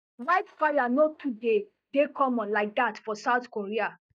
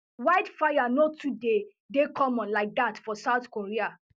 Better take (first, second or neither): second